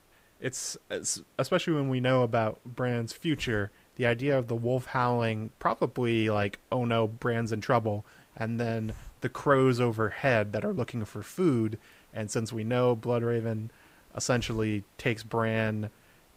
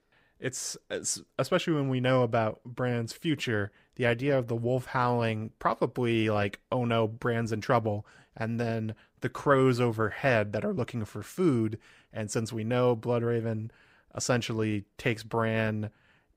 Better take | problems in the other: second | hiss; faint; throughout; 30 dB below the speech

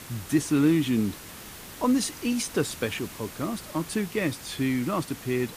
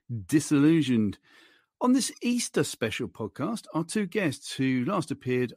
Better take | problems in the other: second | hiss; noticeable; throughout; 15 dB below the speech

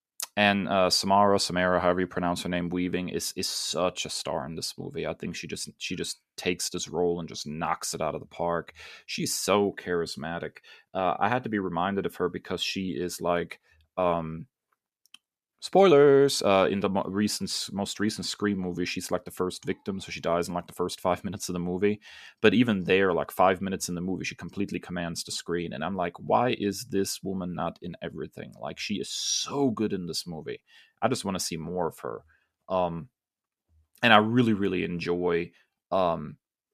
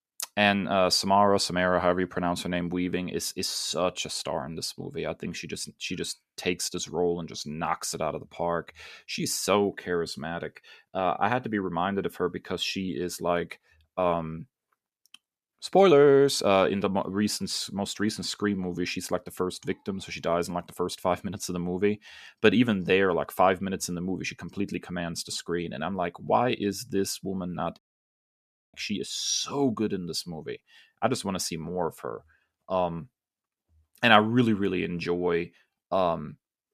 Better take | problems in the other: first | audio cutting out; at 28 s for 1 s

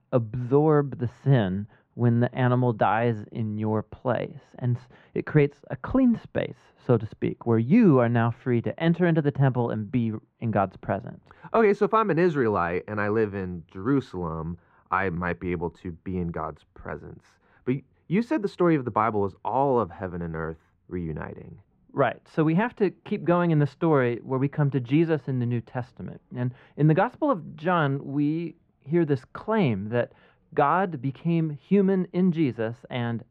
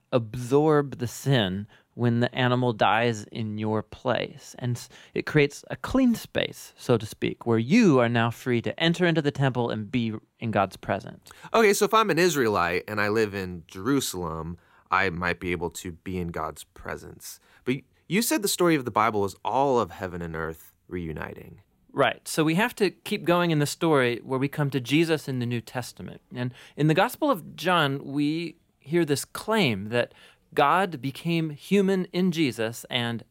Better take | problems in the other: second | muffled; very; fading above 1.5 kHz

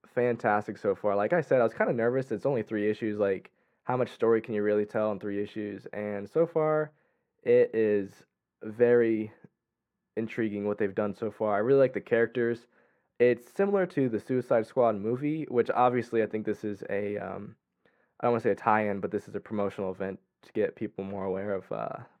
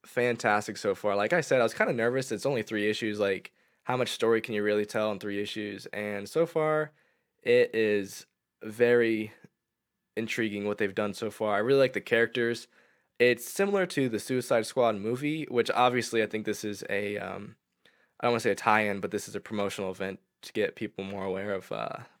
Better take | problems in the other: second | muffled; very; fading above 2.5 kHz

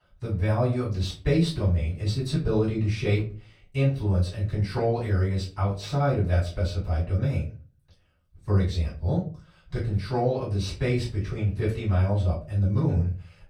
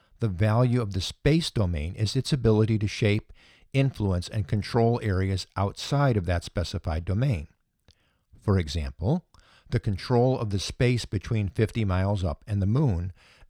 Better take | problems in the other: second | off-mic speech; far // room echo; slight; dies away in 0.3 s

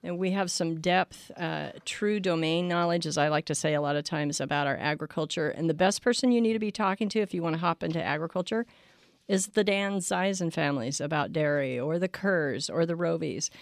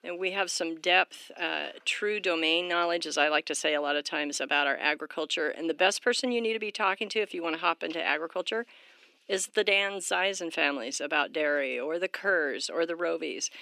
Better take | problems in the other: first | thin; somewhat; fading below 300 Hz

